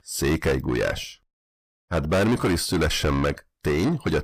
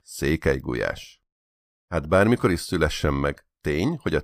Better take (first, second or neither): second